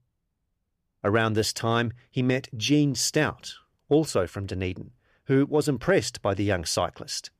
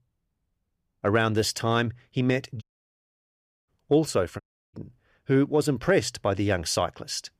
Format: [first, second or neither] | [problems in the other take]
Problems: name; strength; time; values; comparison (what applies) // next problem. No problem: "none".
first | audio cutting out; at 2.5 s for 1 s and at 4.5 s